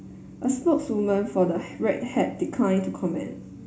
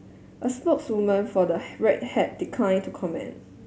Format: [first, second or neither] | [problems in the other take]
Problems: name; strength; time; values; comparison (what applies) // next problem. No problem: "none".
second | room echo; dies away in 0.4 s